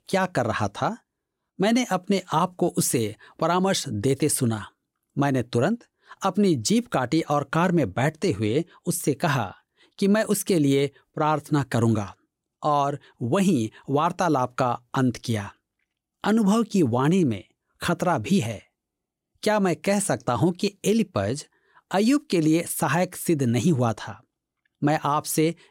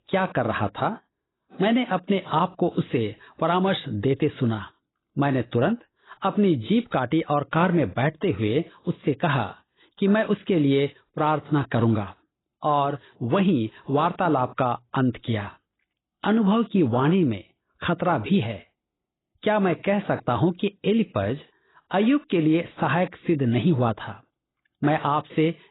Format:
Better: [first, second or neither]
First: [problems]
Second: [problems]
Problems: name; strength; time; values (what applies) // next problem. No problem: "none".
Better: first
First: none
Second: garbled, watery; badly; nothing above 4 kHz